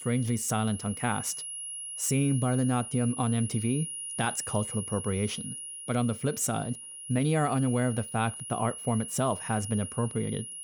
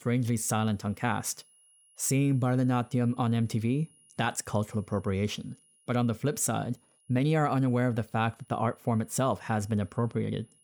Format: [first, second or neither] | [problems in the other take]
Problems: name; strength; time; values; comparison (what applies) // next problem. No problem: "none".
second | high-pitched whine; loud; throughout; 10.5 kHz, 7 dB below the speech; faint in the second